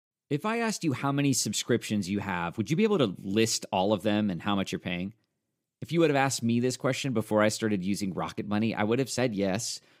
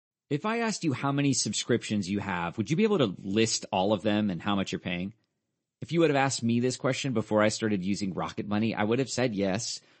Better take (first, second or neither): first